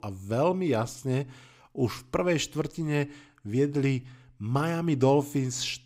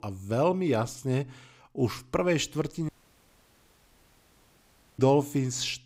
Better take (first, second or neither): first